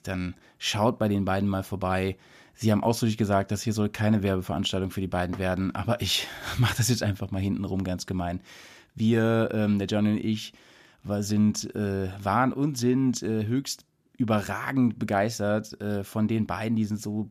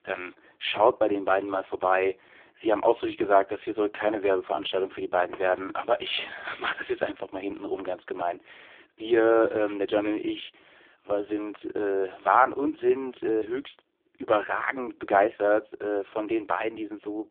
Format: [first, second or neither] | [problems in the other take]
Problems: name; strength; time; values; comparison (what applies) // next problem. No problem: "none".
first | phone-call audio; poor line; nothing above 3.5 kHz